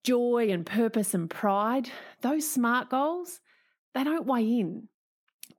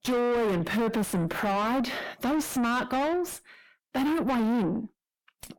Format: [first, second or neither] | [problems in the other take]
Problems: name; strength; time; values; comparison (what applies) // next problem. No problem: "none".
first | distortion; heavy; 6 dB below the speech